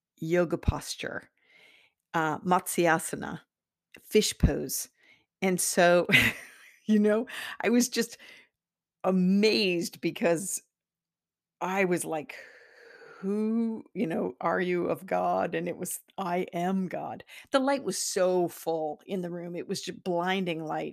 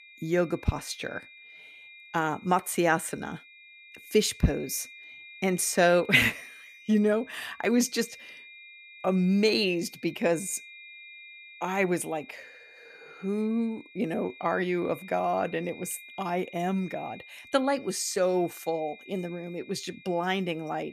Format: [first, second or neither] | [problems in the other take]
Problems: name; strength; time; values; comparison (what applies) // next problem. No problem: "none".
first | high-pitched whine; noticeable; throughout; 2.5 kHz, 20 dB below the speech